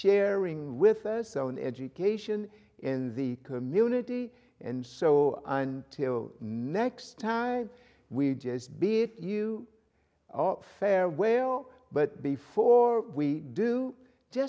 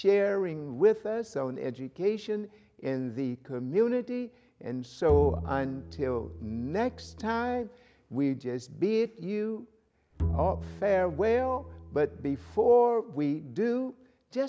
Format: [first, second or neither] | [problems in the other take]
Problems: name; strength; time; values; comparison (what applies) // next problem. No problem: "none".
first | background sound (Bowed string instrument); 7 dB below the speech